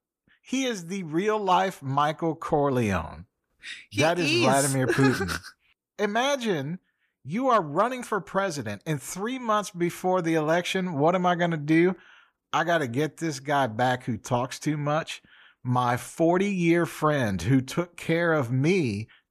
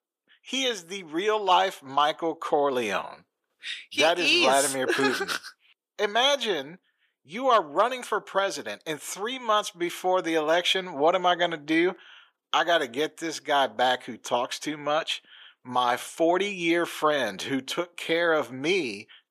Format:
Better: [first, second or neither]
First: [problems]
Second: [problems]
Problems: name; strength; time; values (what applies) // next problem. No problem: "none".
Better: first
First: none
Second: thin; somewhat; fading below 450 Hz